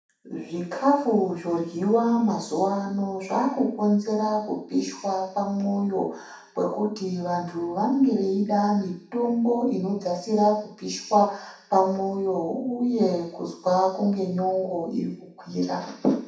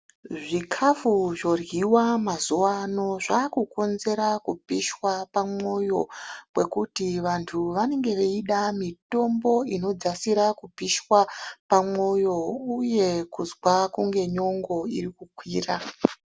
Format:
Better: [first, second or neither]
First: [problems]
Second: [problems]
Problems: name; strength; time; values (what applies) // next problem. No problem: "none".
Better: second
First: room echo; dies away in 0.7 s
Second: none